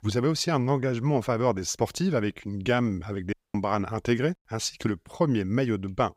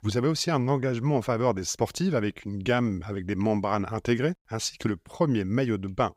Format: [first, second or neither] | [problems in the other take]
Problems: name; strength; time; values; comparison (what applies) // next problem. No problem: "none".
second | audio cutting out; at 3.5 s